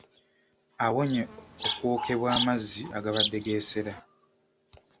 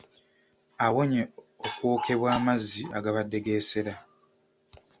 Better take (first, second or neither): second